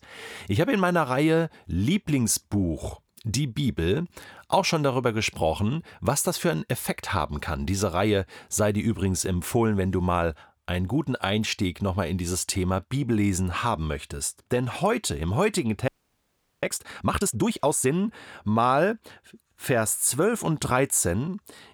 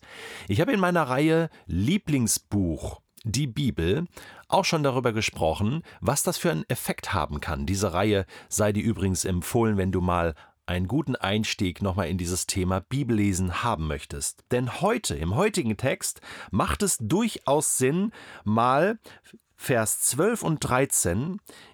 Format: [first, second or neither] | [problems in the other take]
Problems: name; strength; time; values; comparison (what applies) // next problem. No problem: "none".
second | audio freezing; at 16 s for 0.5 s